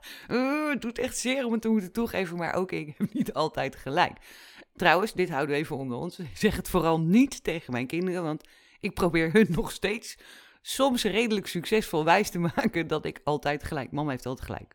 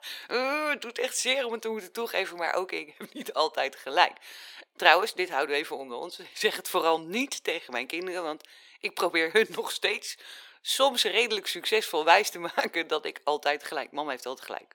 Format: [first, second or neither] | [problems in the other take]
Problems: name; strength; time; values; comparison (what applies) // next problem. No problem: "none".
first | thin; very; fading below 450 Hz